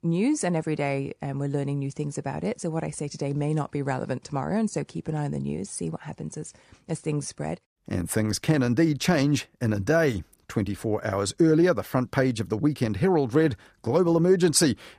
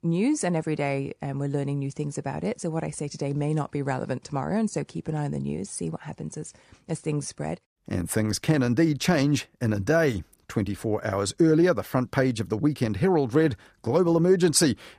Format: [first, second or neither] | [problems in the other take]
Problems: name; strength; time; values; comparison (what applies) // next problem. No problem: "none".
neither | none